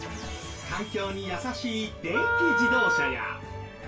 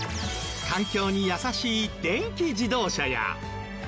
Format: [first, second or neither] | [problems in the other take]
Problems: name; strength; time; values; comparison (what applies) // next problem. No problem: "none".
second | background sound (Wind instrument, woodwind instrument); 4 dB above the speech // room echo; dies away in 0.2 s